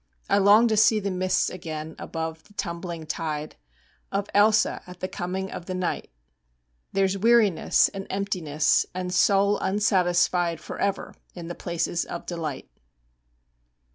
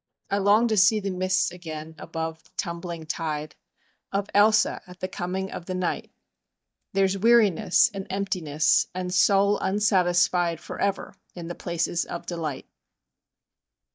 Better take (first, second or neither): first